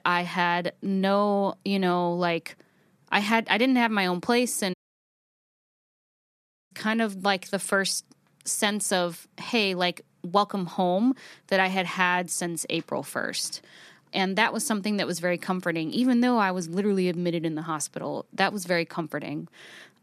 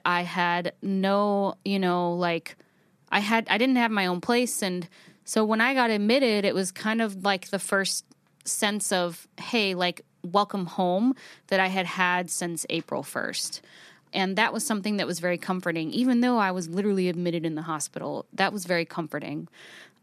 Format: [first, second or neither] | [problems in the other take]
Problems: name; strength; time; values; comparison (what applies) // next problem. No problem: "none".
second | audio cutting out; at 4.5 s for 2 s